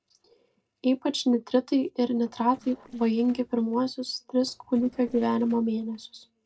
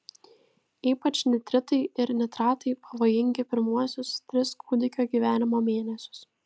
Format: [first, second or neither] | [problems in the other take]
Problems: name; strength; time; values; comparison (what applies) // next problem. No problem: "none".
second | noise reduction (neural separator model SepFormer DNS4)